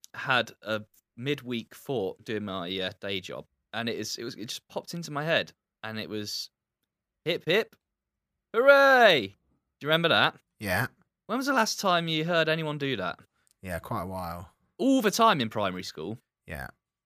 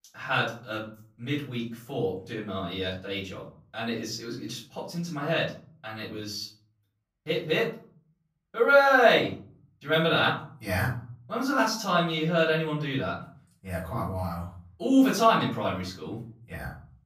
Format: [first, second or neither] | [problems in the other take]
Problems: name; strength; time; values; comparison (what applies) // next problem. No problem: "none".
first | off-mic speech; far // room echo; slight; dies away in 0.5 s